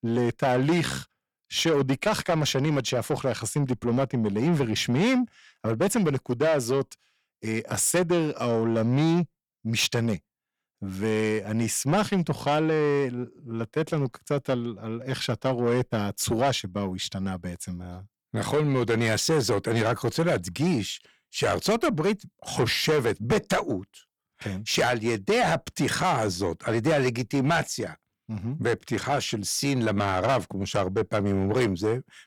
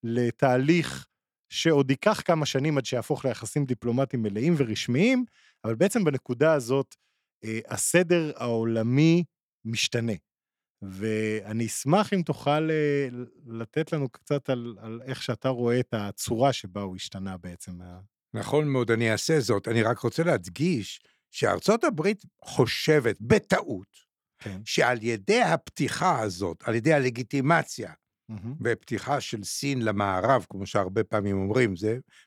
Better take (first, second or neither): second